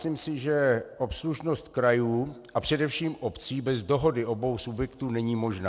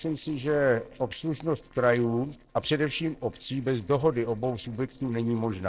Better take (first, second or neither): first